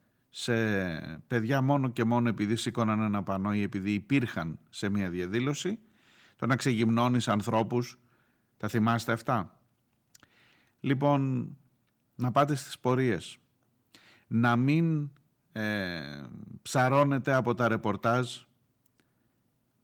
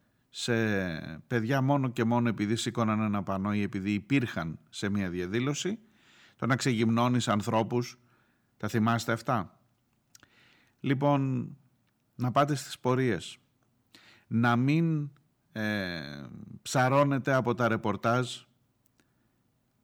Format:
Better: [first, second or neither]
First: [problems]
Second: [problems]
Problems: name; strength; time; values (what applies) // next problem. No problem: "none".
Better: second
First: garbled, watery; slightly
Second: none